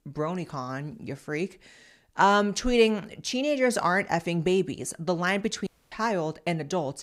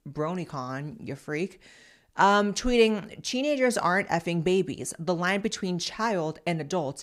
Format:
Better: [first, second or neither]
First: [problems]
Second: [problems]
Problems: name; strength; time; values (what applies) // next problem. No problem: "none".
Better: second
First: audio cutting out; at 5.5 s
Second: none